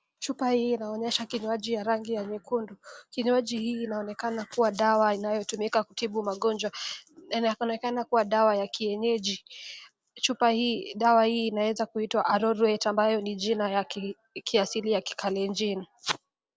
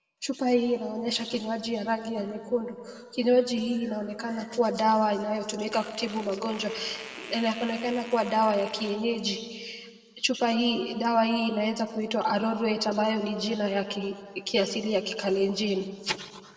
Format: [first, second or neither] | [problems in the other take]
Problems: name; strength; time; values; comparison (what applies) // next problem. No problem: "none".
first | background sound (Fart); 16 dB below the speech // room echo; dies away in 1.4 s